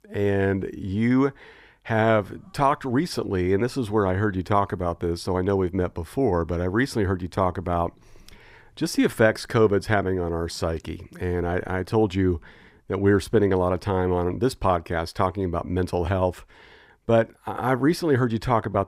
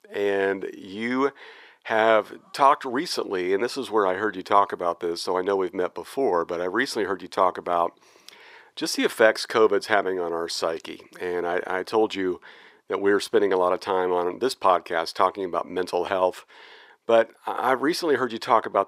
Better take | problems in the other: first | thin; somewhat; fading below 450 Hz

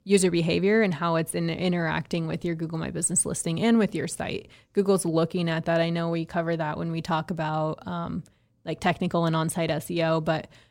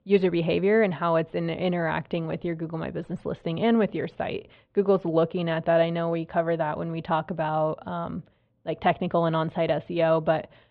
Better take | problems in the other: first | muffled; very; fading above 3.5 kHz

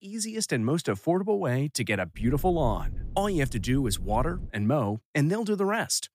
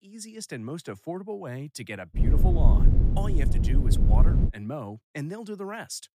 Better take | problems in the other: first | low rumble; loud; from 2 to 4.5 s; 1 dB below the speech; faint in the first

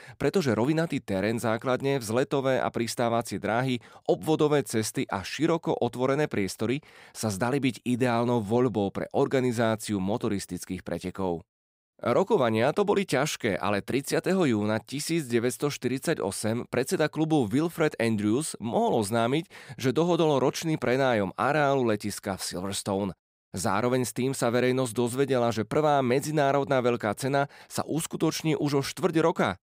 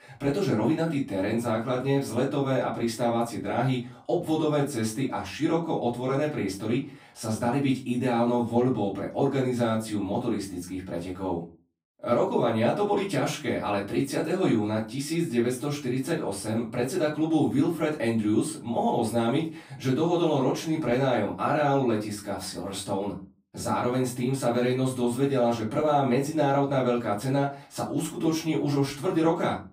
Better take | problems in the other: first | off-mic speech; far // room echo; slight; dies away in 0.3 s

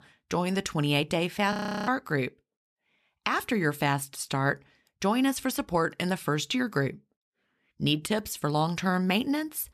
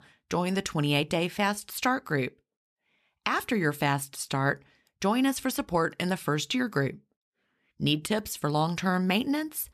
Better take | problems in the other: second | audio freezing; at 1.5 s

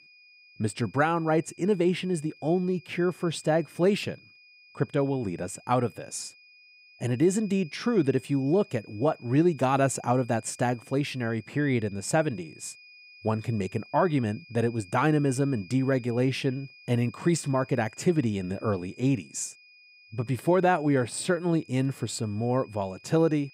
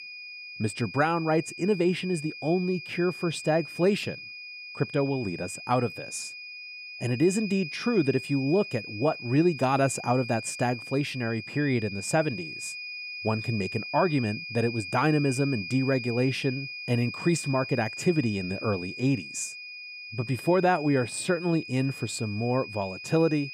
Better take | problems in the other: first | high-pitched whine; loud; throughout; 2.5 kHz, 10 dB below the speech; faint in the first

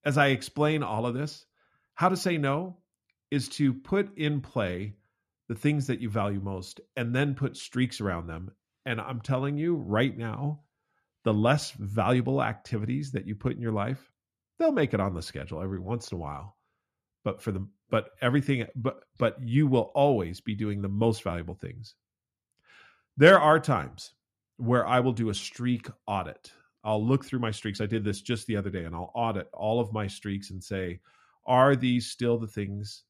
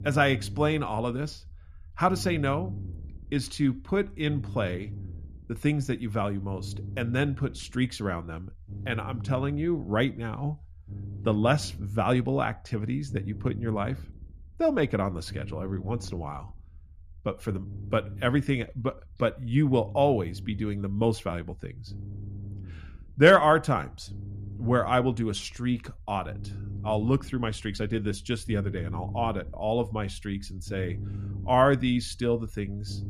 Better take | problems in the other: first | low rumble; faint; throughout; 25 dB below the speech

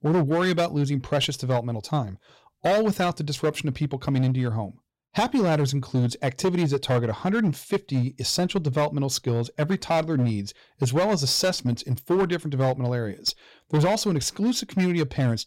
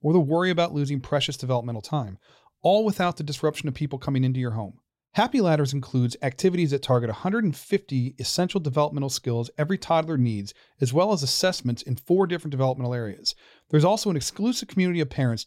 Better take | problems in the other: second | distortion; slight; 9% of the sound clipped

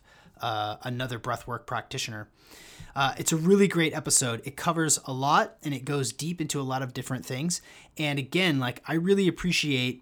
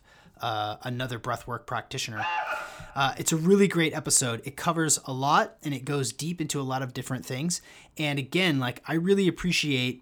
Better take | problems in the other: first | alarm; noticeable; at 2 s; peak 2 dB below the speech

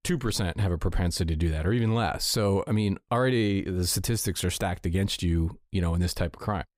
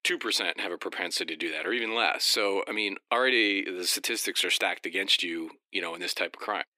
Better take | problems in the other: first | thin; very; fading below 300 Hz

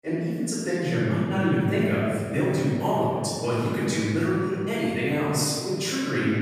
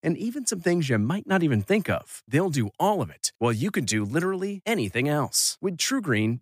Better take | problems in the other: second | off-mic speech; far // room echo; strong; dies away in 2.1 s

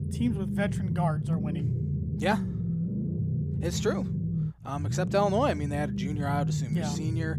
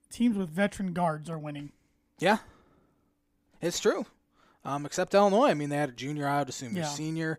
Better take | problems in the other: second | low rumble; loud; throughout; 9 dB below the speech

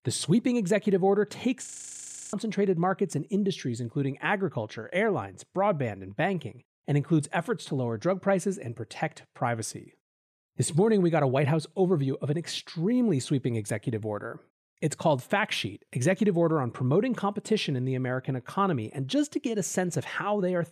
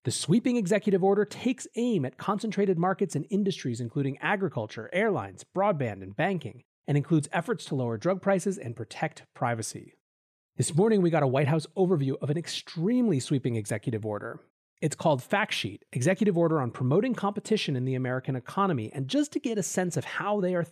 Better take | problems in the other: second | audio freezing; at 1.5 s for 0.5 s

